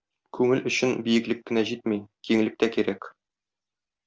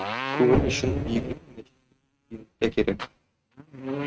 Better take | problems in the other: first | noise reduction (neural mask model RNNoise)

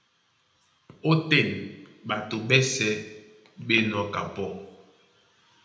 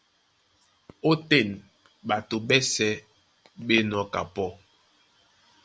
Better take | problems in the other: second | room echo; dies away in 0.8 s

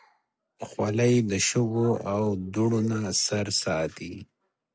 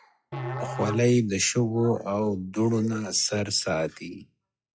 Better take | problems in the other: first | noise reduction (classical method log-MMSE)

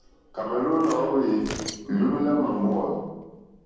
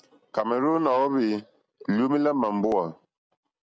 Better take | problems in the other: second | background sound (Tearing); 17 dB below the speech // room echo; dies away in 1.3 s

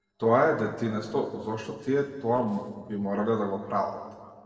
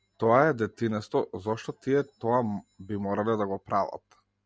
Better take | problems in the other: second | noise reduction (neural separator model SepFormer DNS4)

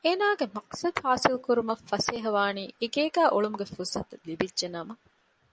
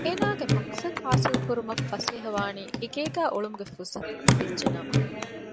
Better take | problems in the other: first | background sound (Hands / Wood); 3 dB above the speech

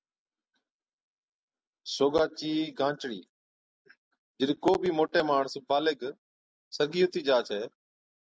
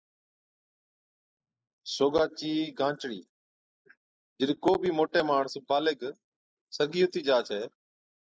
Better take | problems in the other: first | noise reduction (neural mask model Resemble Enhance denoiser)

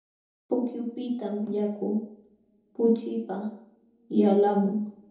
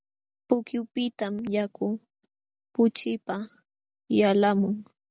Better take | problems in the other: second | room echo; dies away in 2.7 s

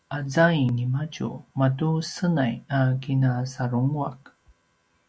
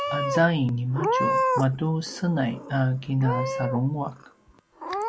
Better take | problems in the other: first | background sound (Meow / Purr); 3 dB below the speech

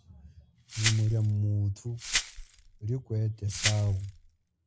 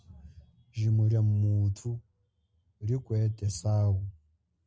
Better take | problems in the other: second | background sound (Glass); 5 dB below the speech

